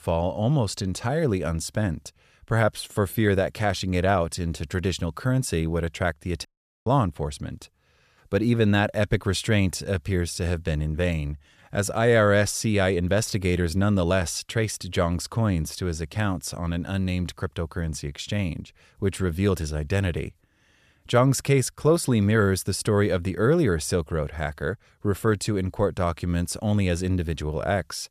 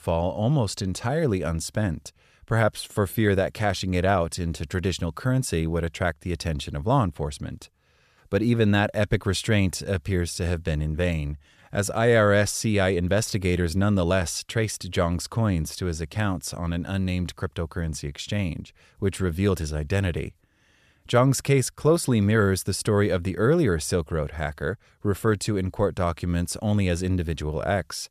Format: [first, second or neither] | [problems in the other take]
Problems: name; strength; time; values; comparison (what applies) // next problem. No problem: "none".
second | audio cutting out; at 6.5 s